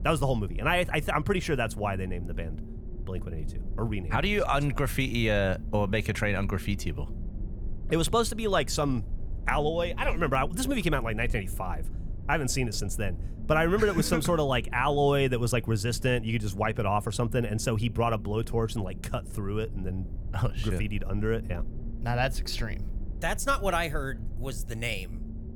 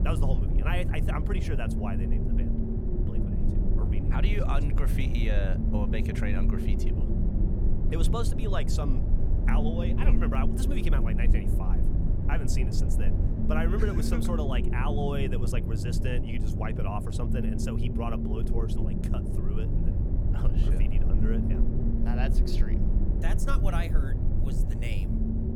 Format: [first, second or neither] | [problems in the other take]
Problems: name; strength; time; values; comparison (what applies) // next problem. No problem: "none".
first | low rumble; loud; throughout; 3 dB below the speech; faint in the first